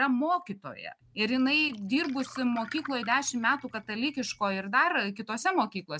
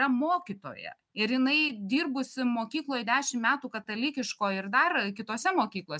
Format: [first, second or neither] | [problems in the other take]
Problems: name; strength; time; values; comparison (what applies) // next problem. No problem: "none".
second | background sound (Glass); 18 dB below the speech